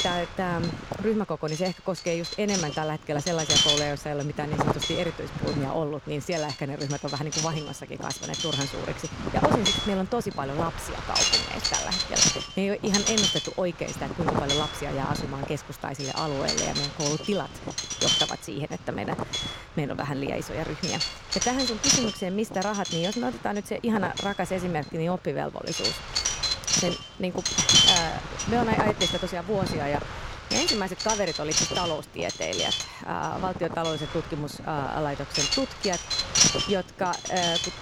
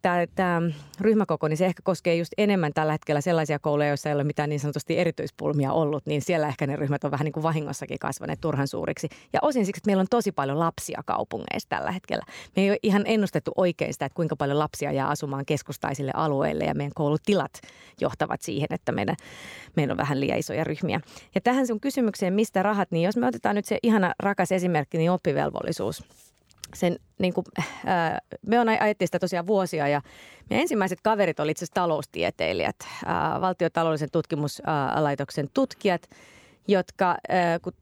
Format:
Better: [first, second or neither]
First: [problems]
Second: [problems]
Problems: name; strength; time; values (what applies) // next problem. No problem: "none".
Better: second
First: wind noise on the microphone; heavy; 5 dB above the speech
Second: none